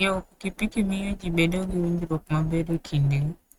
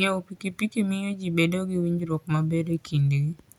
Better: second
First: noise reduction (neural mask model RNNoise)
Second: none

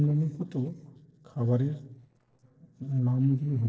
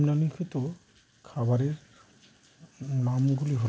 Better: second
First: noise reduction (neural separator model SepFormer DNS4)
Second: none

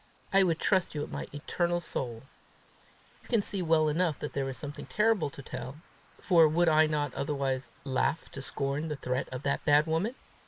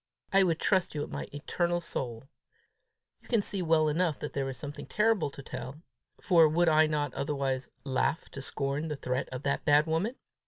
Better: second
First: noise reduction (neural mask model Resemble Enhance denoiser)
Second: none

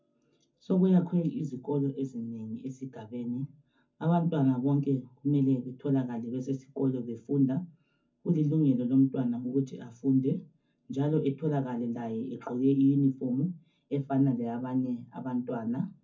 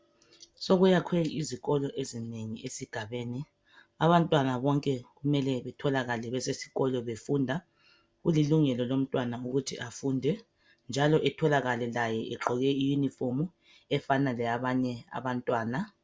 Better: second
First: room echo; dies away in 0.3 s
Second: none

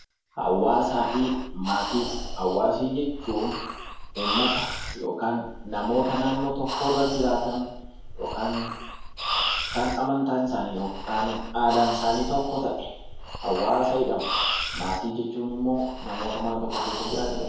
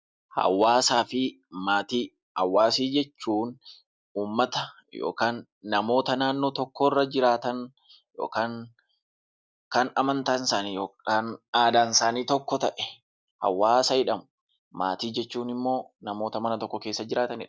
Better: second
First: background sound (Breathing); 6 dB below the speech // room echo; dies away in 0.9 s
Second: none

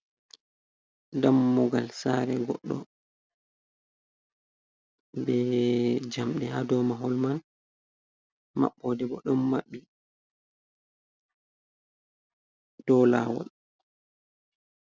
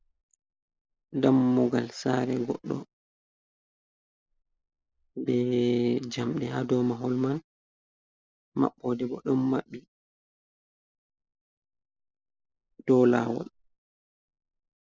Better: first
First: none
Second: noise reduction (neural mask model Resemble Enhance denoiser)

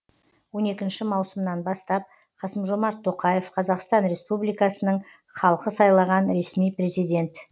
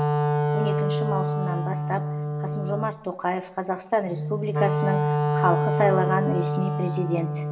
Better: first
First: none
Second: background sound (Wind instrument, woodwind instrument); 3 dB above the speech // room echo; dies away in 2.8 s

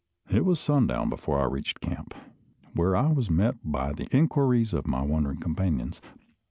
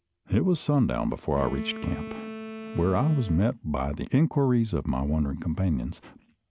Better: first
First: none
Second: background sound (Wind instrument, woodwind instrument); 13 dB below the speech

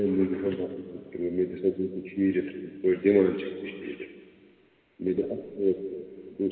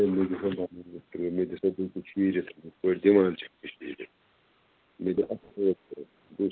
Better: second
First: room echo; dies away in 2.1 s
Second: none

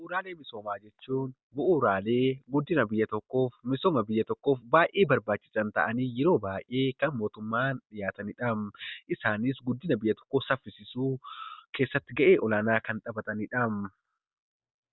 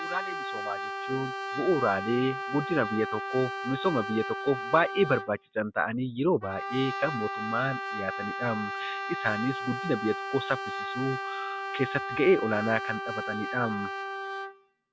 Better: first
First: none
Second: background sound (Brass instrument); 5 dB below the speech

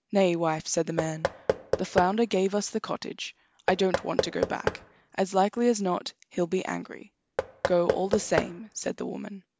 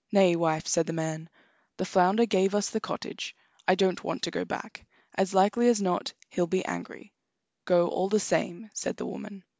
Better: second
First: background sound (Knock / Wood); 5 dB below the speech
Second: none

